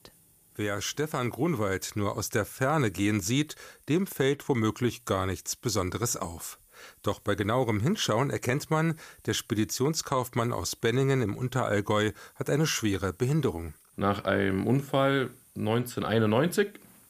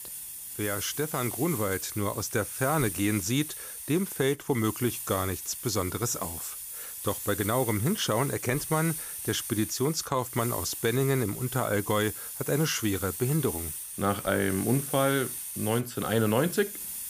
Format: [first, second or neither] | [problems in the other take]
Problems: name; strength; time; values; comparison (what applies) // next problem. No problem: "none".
first | hiss; loud; throughout; 6 dB below the speech; faint in the first